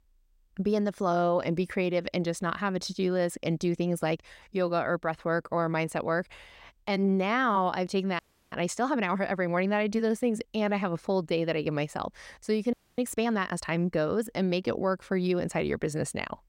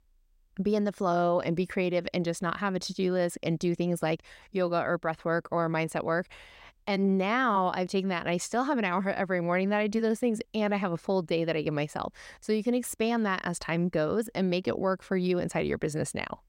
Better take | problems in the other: second | audio freezing; at 8 s and at 13 s

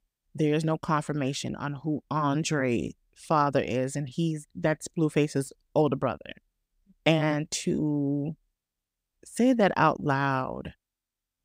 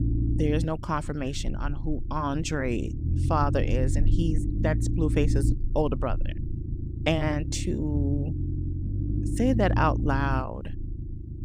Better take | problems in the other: first | low rumble; noticeable; throughout; 10 dB below the speech

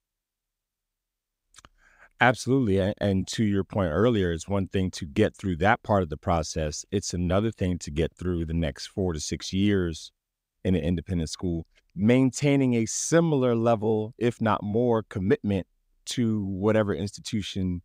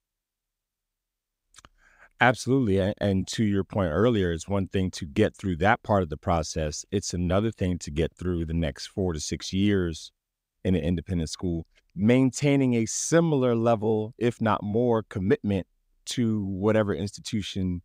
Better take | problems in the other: neither | none

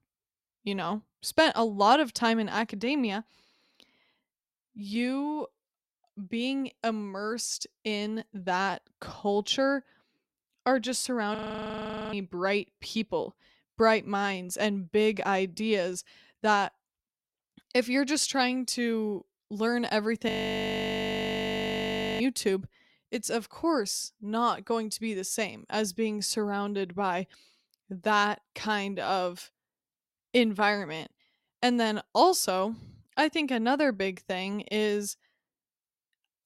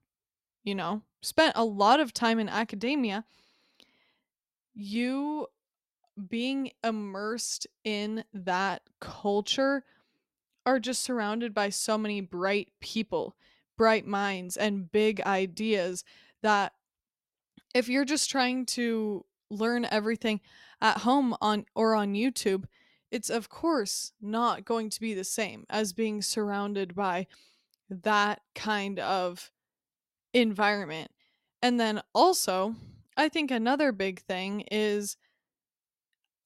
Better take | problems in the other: second | audio freezing; at 11 s for 1 s and at 20 s for 2 s

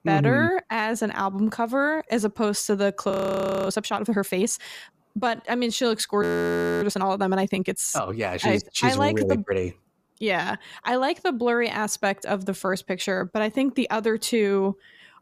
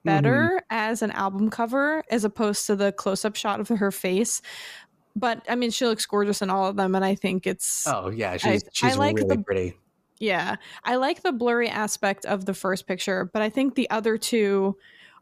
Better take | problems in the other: second | audio freezing; at 3 s for 0.5 s and at 6 s for 0.5 s

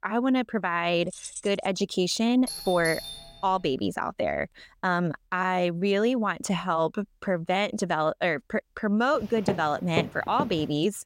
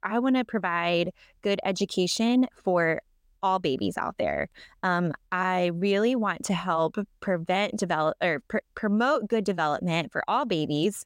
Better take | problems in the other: second | jangling keys; faint; at 1 s; peak 10 dB below the speech // doorbell; noticeable; from 2.5 to 3.5 s; peak 8 dB below the speech // footsteps; noticeable; from 9 s on; peak 5 dB below the speech

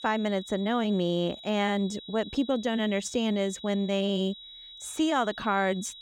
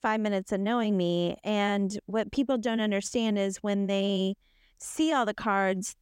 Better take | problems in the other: second | high-pitched whine; noticeable; throughout; 4 kHz, 15 dB below the speech

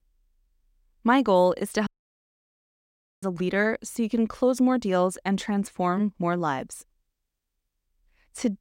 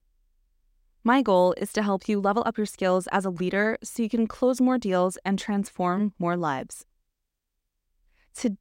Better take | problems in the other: second | audio cutting out; at 2 s for 1.5 s

